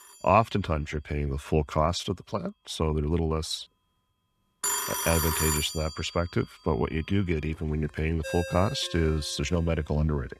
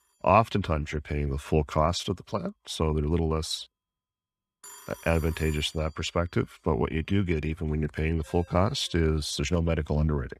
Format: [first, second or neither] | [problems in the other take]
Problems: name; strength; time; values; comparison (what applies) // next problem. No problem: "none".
second | alarms or sirens; loud; throughout; 2 dB below the speech; faint in the second